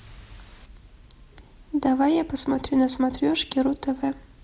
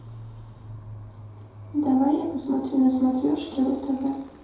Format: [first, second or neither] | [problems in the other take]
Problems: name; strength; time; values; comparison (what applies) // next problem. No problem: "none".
first | background sound (Motorcycle); 18 dB below the speech // room echo; dies away in 2.3 s